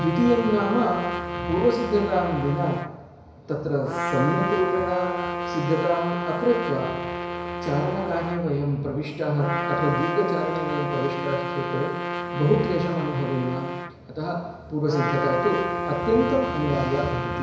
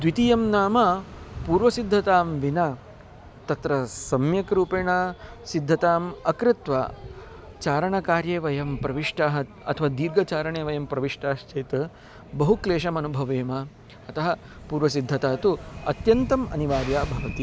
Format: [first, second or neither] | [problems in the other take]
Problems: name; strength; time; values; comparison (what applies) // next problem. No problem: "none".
second | background sound (Trumpet); 5 dB below the speech // room echo; dies away in 1 s